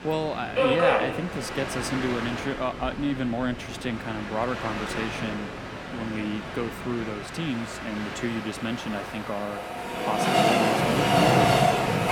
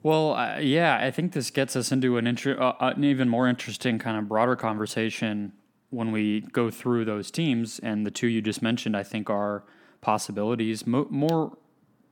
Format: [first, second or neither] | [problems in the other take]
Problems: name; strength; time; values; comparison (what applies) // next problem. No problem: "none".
second | train or aircraft noise; very loud; throughout; 4 dB above the speech